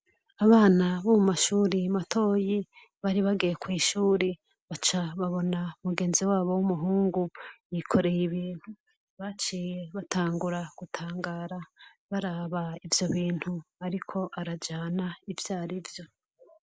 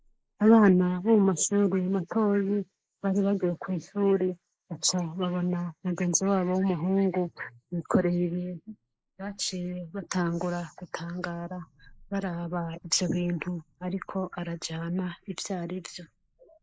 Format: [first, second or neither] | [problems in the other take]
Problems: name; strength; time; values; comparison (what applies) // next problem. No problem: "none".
first | noise reduction (neural mask model Resemble Enhance denoiser)